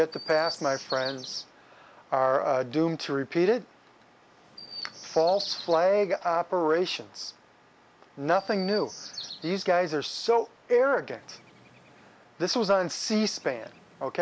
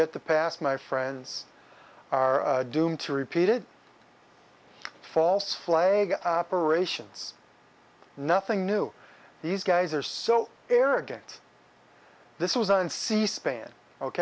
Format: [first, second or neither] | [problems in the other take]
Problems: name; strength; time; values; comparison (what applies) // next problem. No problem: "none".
second | background sound (Chirp, tweet); 18 dB below the speech